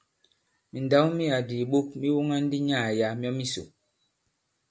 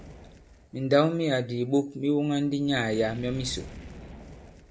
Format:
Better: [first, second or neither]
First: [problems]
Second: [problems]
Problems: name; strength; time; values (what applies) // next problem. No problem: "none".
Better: first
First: none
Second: background sound (Fire); 18 dB below the speech